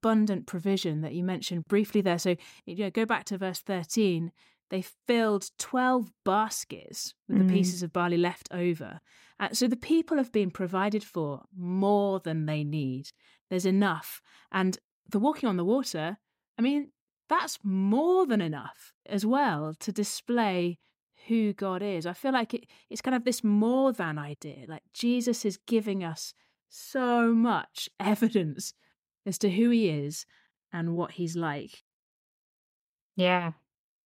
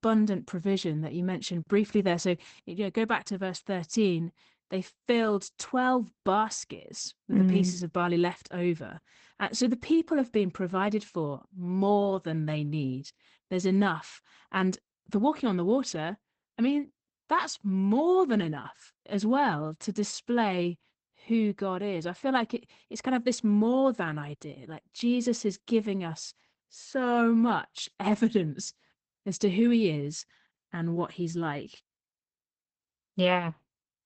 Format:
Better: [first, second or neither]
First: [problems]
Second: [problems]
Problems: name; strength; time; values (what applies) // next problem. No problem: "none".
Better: first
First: none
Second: garbled, watery; badly; nothing above 8 kHz